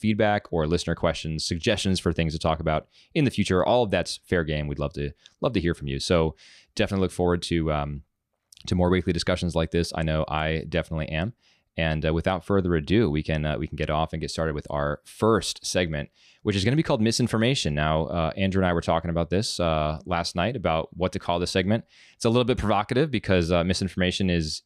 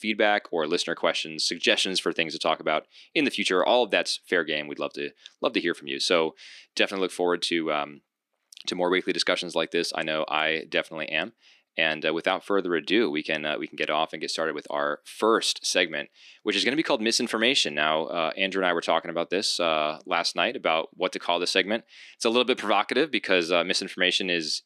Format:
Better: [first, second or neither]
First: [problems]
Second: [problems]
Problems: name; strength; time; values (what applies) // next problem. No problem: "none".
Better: first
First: none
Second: thin; somewhat; fading below 300 Hz